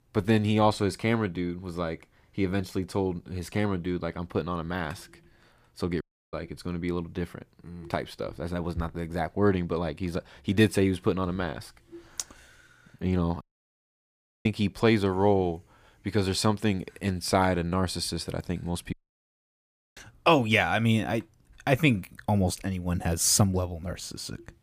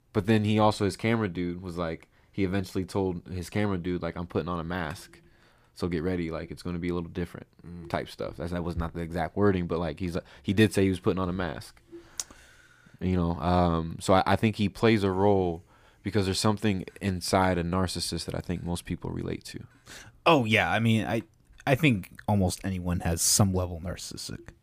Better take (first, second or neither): second